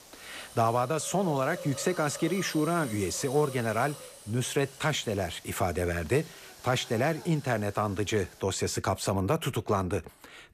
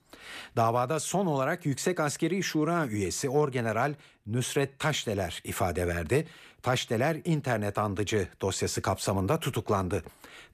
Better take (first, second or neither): second